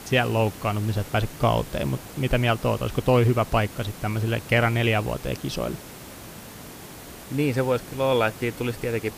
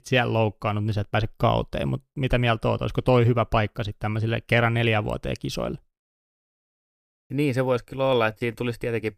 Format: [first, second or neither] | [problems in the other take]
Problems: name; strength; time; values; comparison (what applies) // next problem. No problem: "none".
second | hiss; noticeable; throughout; 15 dB below the speech